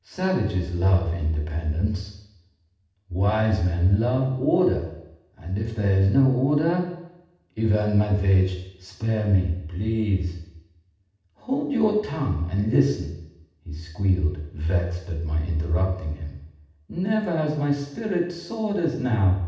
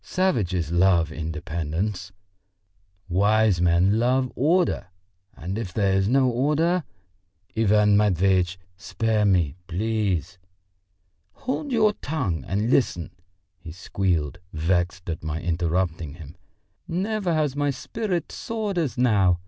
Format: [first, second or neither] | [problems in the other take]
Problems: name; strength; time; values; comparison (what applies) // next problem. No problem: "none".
second | room echo; dies away in 0.8 s